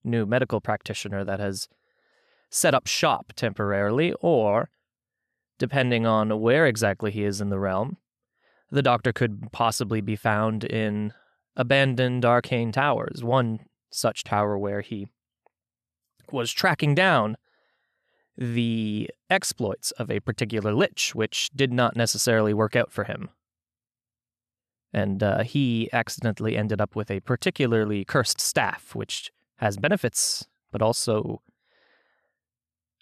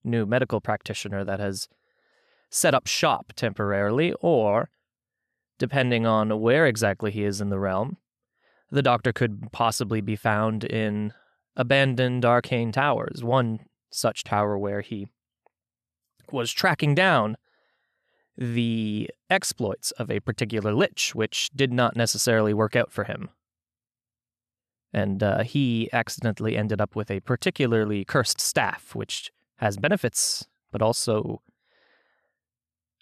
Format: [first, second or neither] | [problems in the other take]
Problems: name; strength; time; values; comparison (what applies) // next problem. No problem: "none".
neither | none